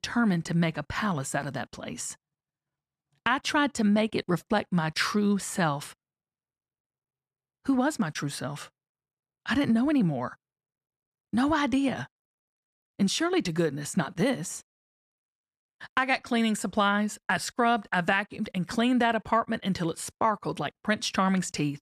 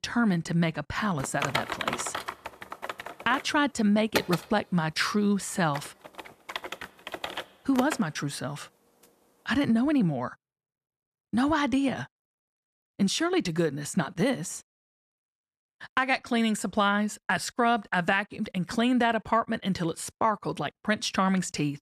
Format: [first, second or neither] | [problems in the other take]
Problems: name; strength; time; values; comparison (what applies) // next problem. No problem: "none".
first | keyboard typing; noticeable; from 1 to 8 s; peak 2 dB below the speech